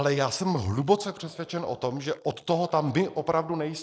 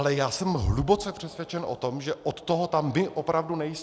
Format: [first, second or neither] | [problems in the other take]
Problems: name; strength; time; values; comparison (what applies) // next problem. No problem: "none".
second | noise reduction (neural mask model Resemble Enhance denoiser)